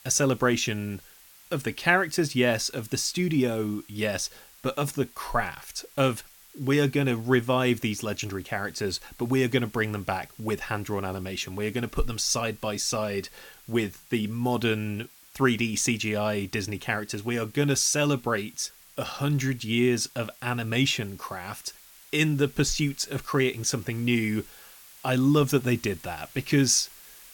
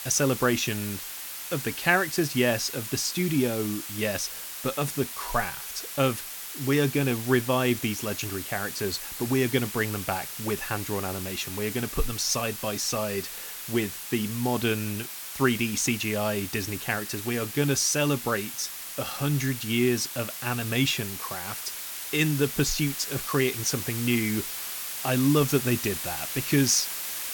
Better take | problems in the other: first | hiss; loud; throughout; 6 dB below the speech; faint in the first

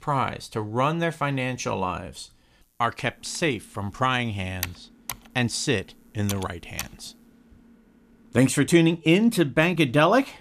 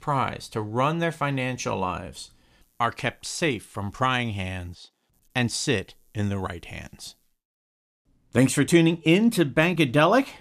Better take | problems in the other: second | keyboard typing; noticeable; from 3.5 to 7 s; peak 10 dB below the speech

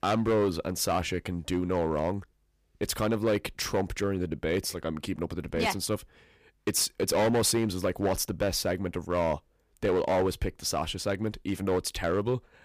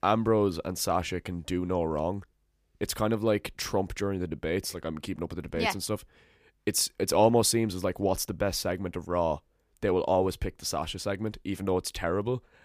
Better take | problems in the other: second | distortion; slight; 6% of the sound clipped

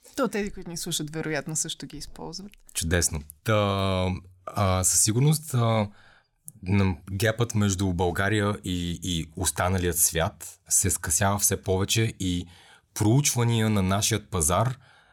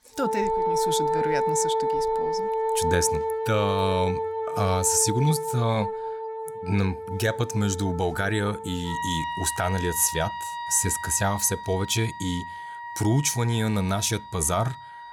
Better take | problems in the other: first | background music; loud; throughout; 3 dB below the speech

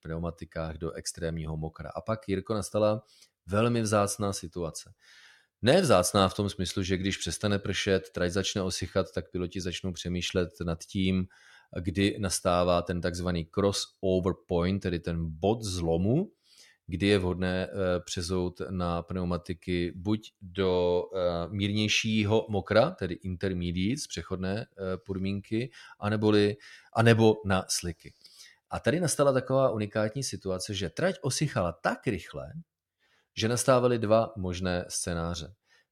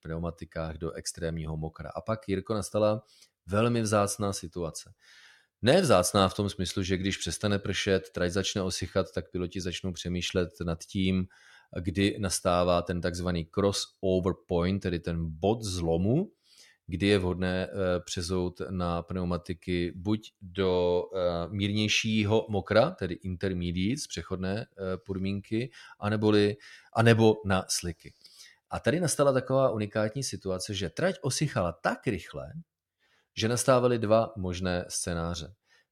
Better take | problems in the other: neither | none

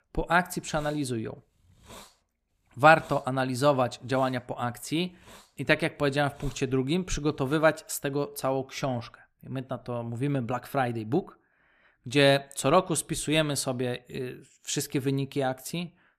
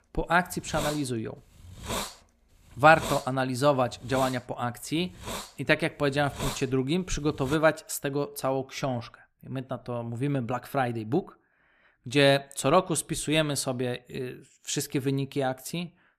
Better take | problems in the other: first | hiss; loud; until 7.5 s; 10 dB below the speech; faint in the first

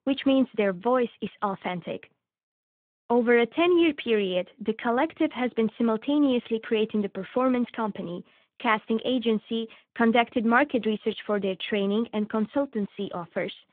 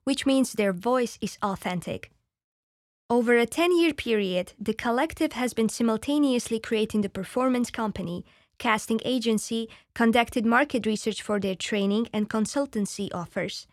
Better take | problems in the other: second | phone-call audio

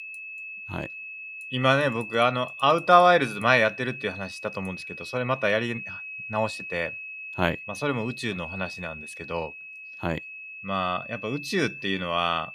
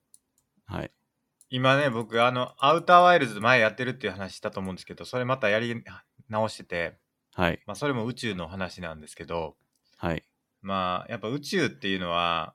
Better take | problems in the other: second | high-pitched whine; noticeable; throughout; 2.5 kHz, 10 dB below the speech

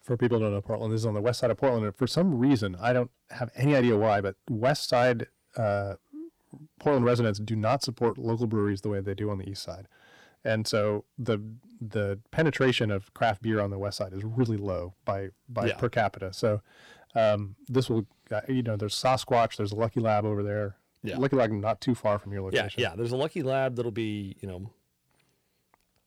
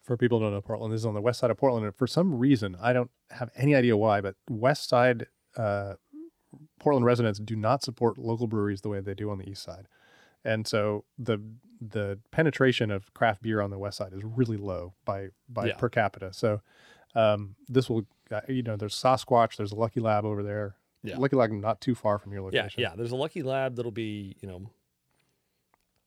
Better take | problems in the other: second | distortion; slight; 10 dB below the speech

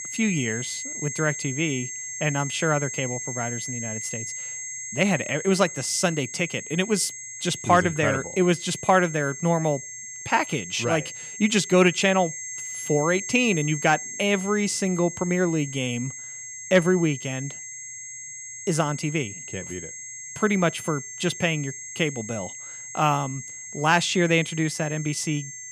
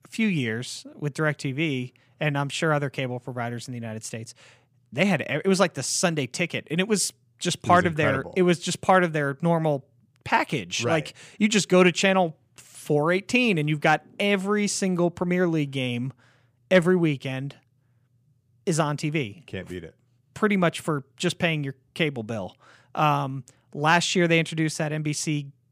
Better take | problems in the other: second | high-pitched whine; loud; throughout; 6.5 kHz, 9 dB below the speech

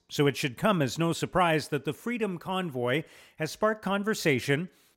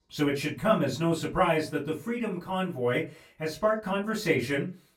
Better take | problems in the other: first | off-mic speech; far // room echo; very slight; dies away in 0.2 s

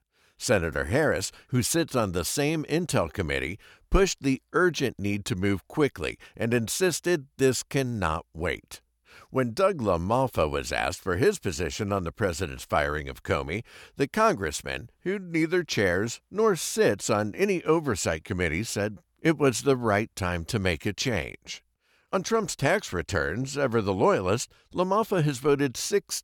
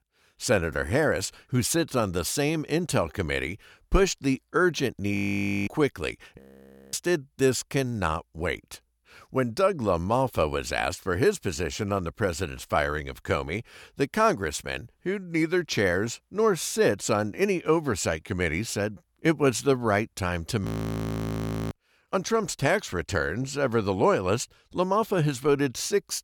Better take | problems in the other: first | audio freezing; at 5 s for 0.5 s, at 6.5 s for 0.5 s and at 21 s for 1 s

